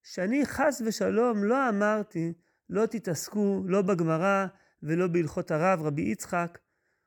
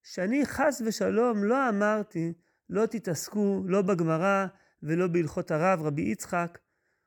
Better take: neither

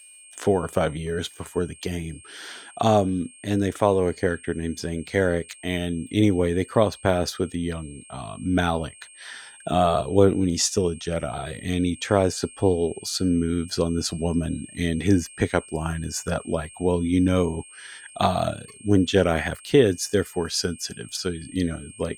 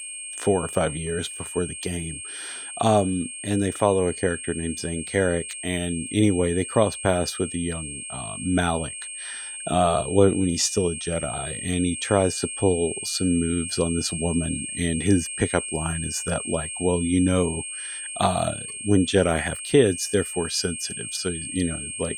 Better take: first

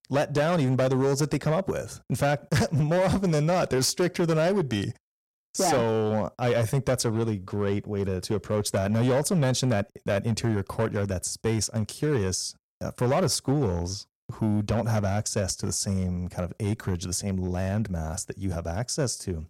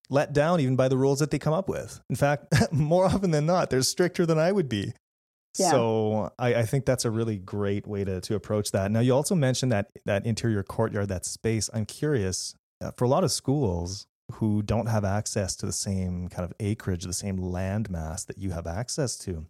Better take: second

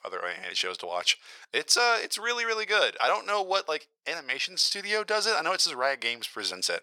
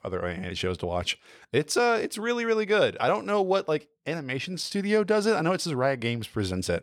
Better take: second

